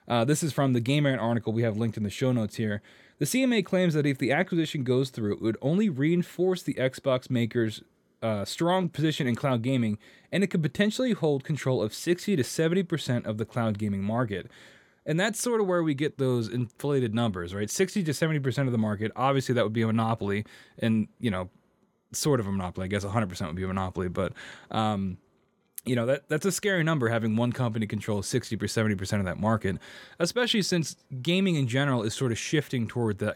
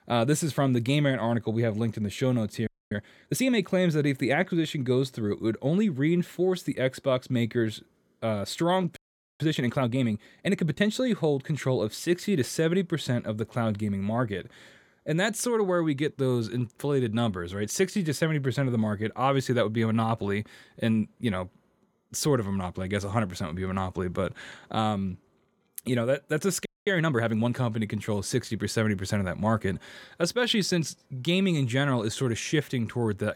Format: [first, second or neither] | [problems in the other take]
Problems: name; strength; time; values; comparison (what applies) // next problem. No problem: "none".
first | audio freezing; at 2.5 s, at 9 s and at 27 s